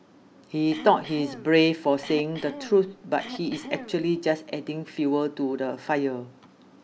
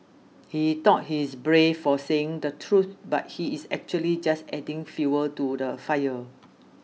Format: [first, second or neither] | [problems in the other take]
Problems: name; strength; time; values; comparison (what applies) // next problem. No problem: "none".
second | background sound (Cough); 15 dB below the speech